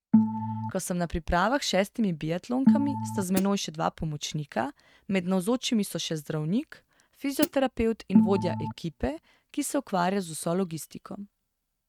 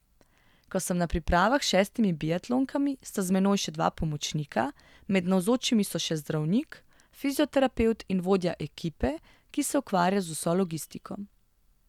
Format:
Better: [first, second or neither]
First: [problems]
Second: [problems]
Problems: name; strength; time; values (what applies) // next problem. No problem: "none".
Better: second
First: noise reduction (neural mask model RNNoise)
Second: none